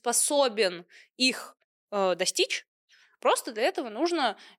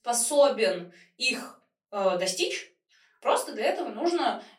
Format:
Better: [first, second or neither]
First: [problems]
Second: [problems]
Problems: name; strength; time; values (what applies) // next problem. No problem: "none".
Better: first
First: none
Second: off-mic speech; far // room echo; very slight; dies away in 0.3 s